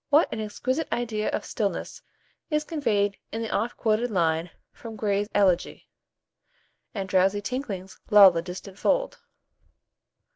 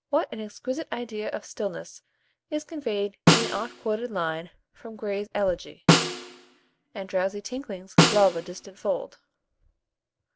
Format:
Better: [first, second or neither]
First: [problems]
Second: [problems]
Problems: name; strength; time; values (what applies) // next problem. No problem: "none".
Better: first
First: none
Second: background sound (Snare drum); 3 dB above the speech